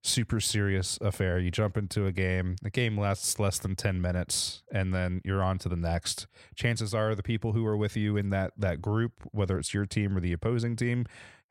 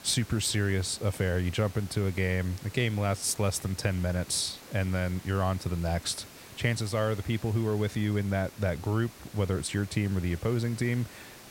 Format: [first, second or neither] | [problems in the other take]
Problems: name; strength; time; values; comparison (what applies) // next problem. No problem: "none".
first | hiss; noticeable; throughout; 20 dB below the speech